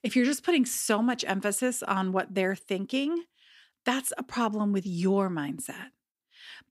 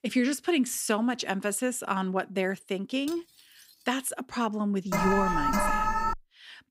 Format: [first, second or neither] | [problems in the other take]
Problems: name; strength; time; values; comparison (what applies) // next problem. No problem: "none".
first | clattering dishes; faint; at 3 s; peak 20 dB below the speech // alarm; loud; from 5 to 6 s; peak 3 dB above the speech